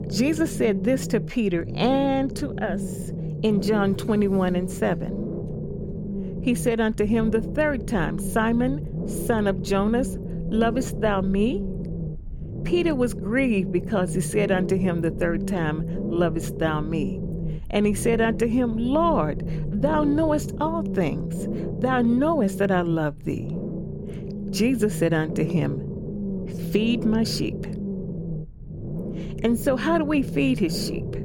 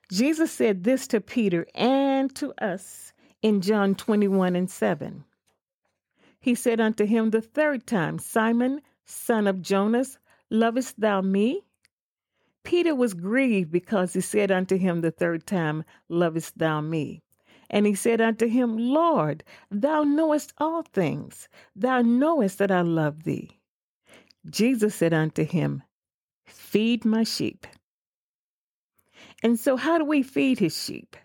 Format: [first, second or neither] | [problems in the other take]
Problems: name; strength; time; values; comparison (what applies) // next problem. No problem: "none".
second | low rumble; noticeable; throughout; 10 dB below the speech